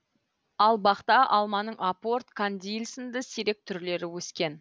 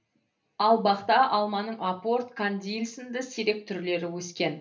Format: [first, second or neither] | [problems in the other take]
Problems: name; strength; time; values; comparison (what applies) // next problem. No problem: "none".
first | room echo; dies away in 0.3 s